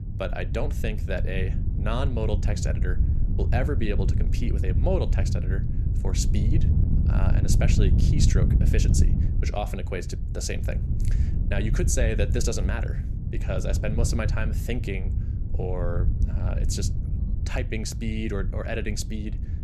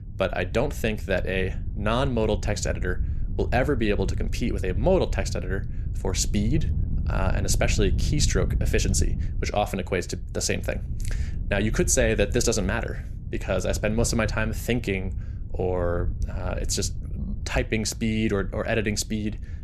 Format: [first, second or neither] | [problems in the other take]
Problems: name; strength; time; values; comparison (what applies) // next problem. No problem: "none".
second | wind noise on the microphone; heavy; 7 dB below the speech; occasional gusts in the second